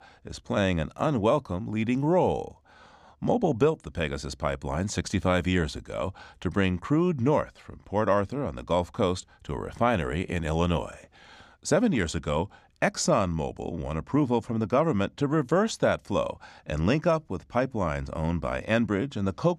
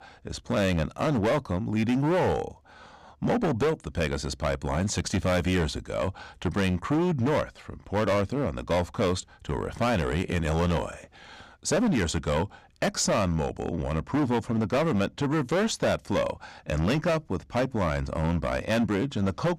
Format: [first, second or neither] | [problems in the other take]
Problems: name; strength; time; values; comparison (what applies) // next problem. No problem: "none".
first | distortion; heavy; 14% of the sound clipped